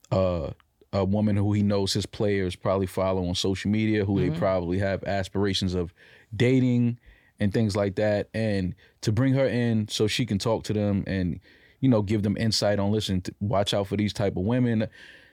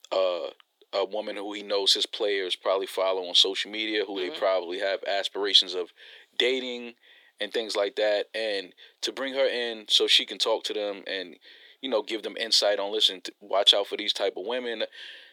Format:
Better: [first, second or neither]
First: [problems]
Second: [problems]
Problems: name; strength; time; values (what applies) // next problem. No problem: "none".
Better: first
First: none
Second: thin; very; fading below 350 Hz